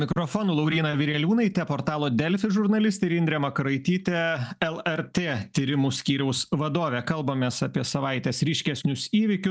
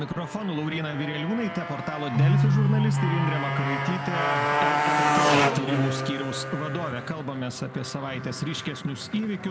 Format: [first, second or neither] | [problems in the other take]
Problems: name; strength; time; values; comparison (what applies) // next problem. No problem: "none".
first | background sound (Motorcycle + Keyboard (musical)); 4 dB above the speech